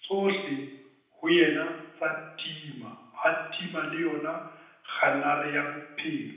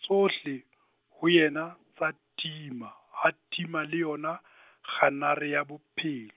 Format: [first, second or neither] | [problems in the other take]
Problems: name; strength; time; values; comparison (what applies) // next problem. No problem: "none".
second | room echo; dies away in 0.9 s